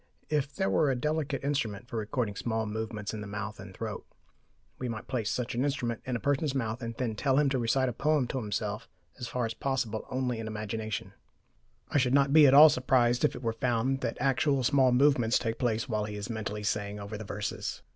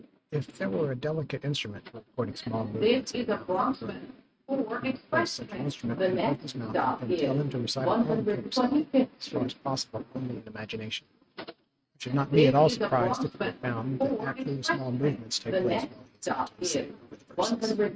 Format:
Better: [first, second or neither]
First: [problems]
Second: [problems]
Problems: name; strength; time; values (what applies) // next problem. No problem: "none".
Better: first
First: none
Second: noise reduction (neural mask model RNNoise)